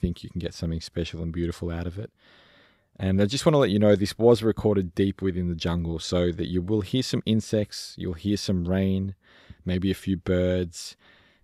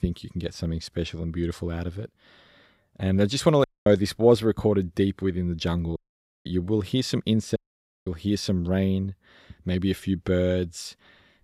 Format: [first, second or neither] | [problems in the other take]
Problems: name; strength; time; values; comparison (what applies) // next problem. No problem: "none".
first | audio cutting out; at 3.5 s, at 6 s and at 7.5 s for 0.5 s